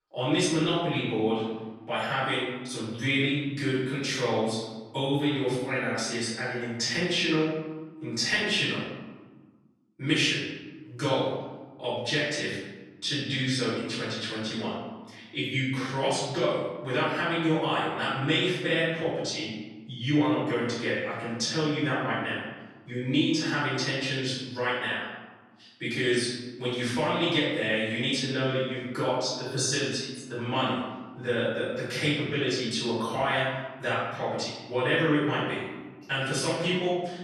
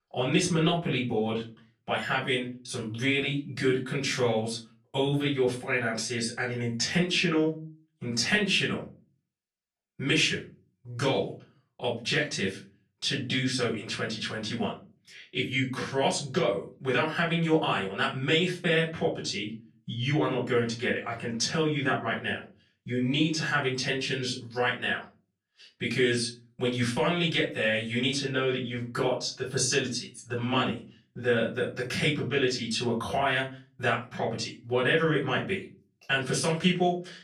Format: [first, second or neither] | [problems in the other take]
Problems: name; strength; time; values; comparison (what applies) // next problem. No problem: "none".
second | room echo; strong; dies away in 1.2 s; slight in the second // off-mic speech; far; far in the second